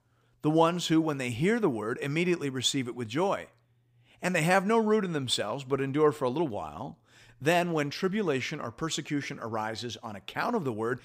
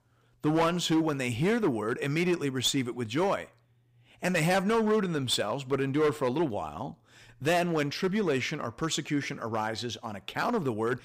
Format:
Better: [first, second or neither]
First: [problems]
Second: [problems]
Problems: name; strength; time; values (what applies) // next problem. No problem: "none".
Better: first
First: none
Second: distortion; slight; 6% of the sound clipped